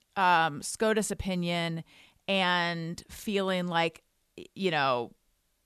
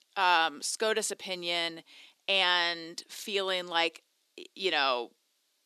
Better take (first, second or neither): first